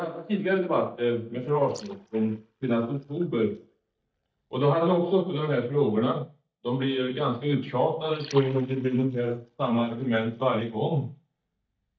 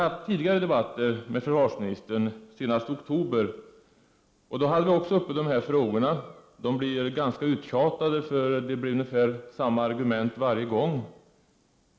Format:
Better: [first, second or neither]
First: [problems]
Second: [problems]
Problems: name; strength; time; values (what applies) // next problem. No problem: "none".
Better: second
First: noise reduction (neural mask model DeepFilterNet 3)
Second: none